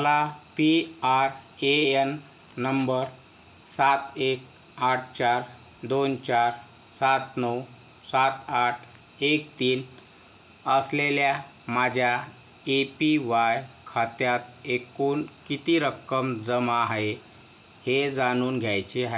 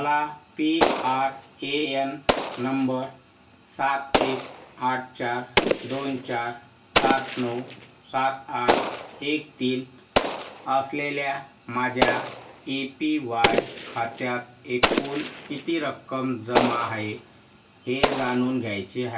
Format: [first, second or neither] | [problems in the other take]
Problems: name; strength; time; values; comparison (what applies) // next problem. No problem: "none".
first | background sound (Explosion); 1 dB below the speech // room echo; dies away in 0.2 s